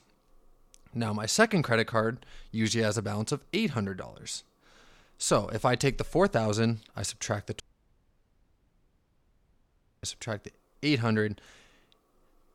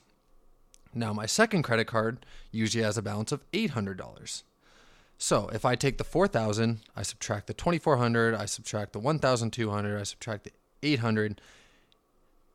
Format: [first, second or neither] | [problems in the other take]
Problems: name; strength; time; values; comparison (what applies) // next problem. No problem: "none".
second | audio cutting out; at 7.5 s for 2.5 s